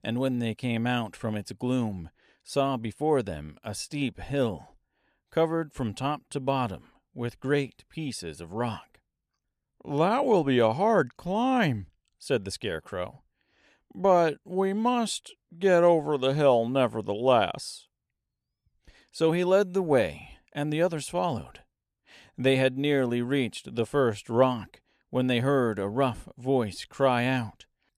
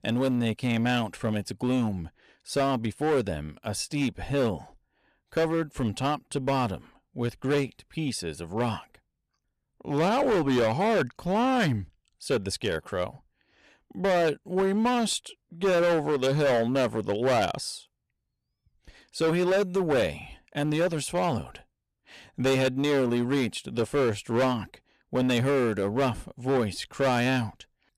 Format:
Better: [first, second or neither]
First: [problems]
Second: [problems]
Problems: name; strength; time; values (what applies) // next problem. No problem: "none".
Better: first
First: none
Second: distortion; heavy; 11% of the sound clipped